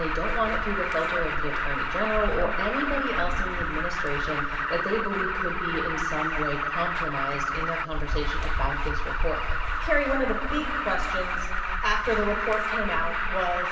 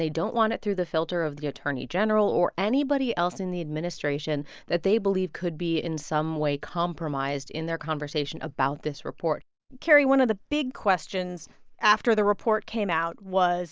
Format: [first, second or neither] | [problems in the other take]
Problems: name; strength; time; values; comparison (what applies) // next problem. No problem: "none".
second | background sound (Alarm); 3 dB above the speech // room echo; dies away in 2.4 s